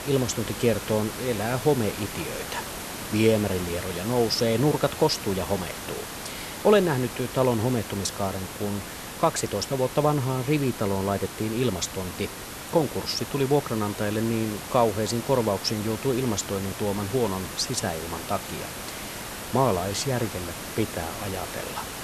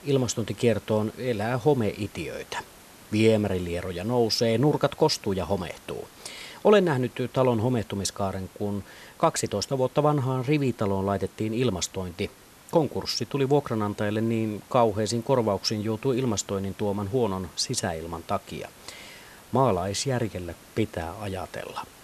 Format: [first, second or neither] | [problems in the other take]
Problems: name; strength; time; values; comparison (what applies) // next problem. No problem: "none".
second | hiss; loud; throughout; 8 dB below the speech; faint in the second